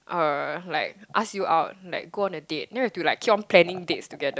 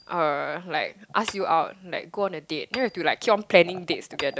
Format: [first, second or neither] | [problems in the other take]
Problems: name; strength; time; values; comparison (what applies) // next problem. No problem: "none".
first | background sound (Hammer); 18 dB below the speech